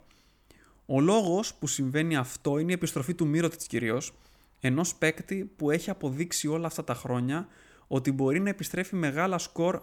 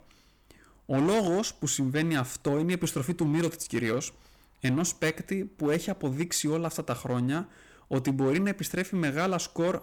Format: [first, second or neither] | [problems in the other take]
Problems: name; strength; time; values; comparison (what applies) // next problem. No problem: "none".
first | distortion; slight; 7% of the sound clipped